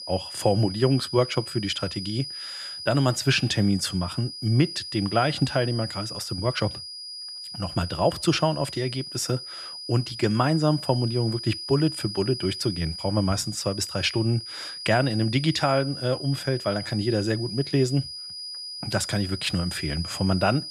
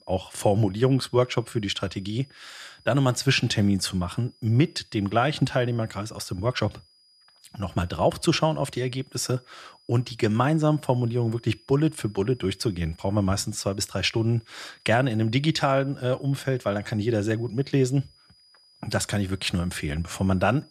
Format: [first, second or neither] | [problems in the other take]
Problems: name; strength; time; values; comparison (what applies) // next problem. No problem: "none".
second | high-pitched whine; loud; throughout; 5 kHz, 8 dB below the speech; faint in the second